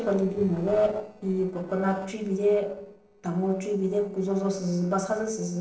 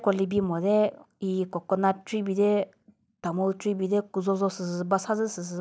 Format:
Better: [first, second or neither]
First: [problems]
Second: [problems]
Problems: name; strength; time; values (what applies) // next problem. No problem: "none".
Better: second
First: noise reduction (neural separator model SepFormer DNS4)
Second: none